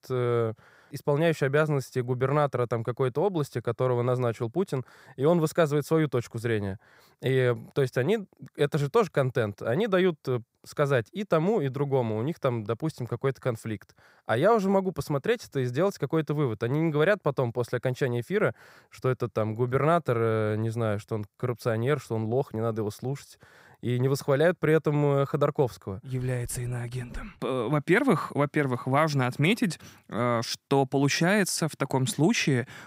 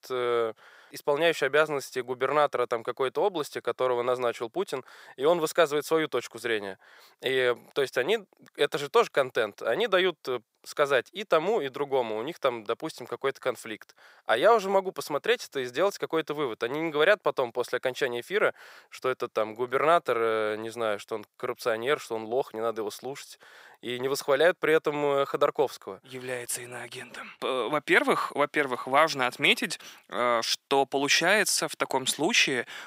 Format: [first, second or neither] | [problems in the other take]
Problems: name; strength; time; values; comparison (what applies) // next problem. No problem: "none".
first | thin; somewhat; fading below 450 Hz